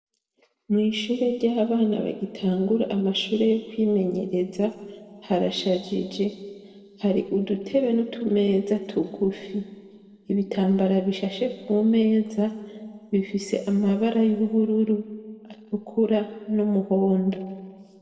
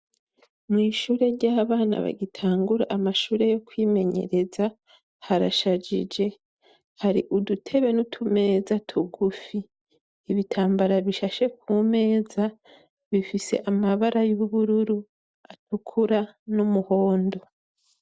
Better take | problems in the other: second | room echo; dies away in 1.6 s

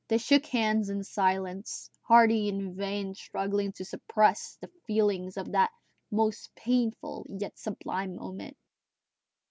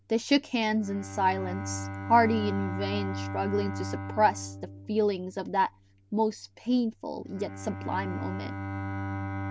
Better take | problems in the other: first | background sound (Bowed string instrument); 7 dB below the speech

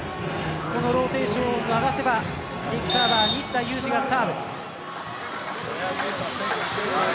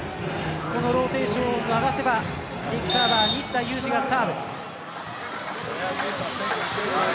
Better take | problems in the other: second | background sound (Harmonica); 18 dB below the speech

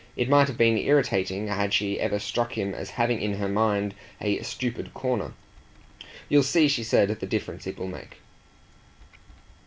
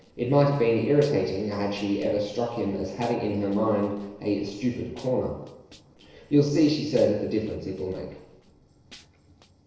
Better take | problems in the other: first | noise reduction (neural separator model SepFormer DNS4)

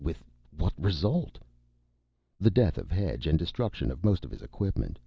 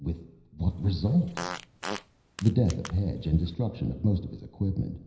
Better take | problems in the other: first | background sound (Fart); 13 dB below the speech // room echo; dies away in 0.9 s

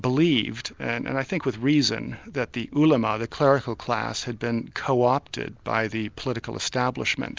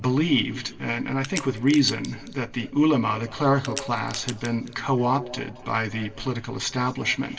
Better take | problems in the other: first | background sound (Crack); 14 dB below the speech // room echo; dies away in 2 s

